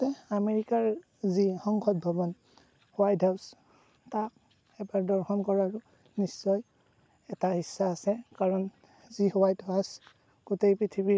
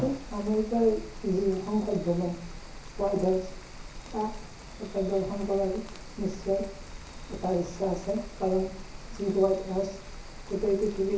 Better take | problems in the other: first | background sound (Rain); 12 dB below the speech // room echo; dies away in 0.7 s

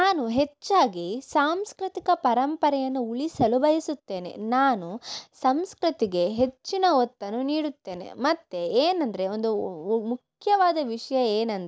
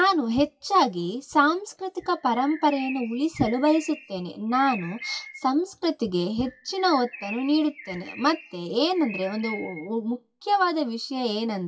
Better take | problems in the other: first | noise reduction (classical method WPE with log-MMSE)

